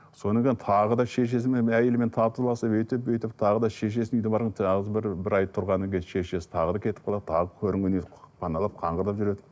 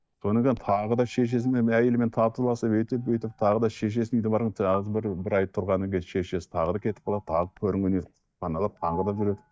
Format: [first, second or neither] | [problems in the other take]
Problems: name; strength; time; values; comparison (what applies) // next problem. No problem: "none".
first | noise reduction (neural mask model DeepFilterNet 3)